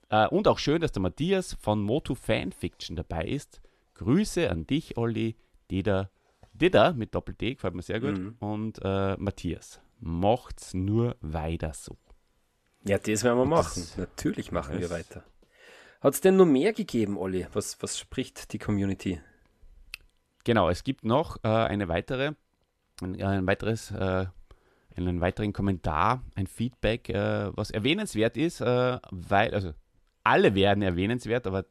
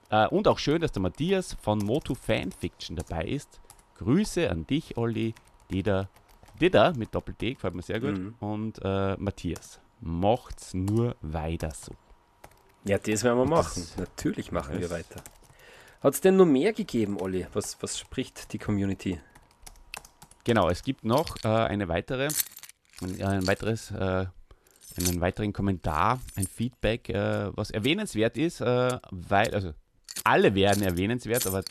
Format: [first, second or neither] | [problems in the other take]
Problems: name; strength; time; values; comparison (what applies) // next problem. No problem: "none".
first | household noises; noticeable; throughout; 10 dB below the speech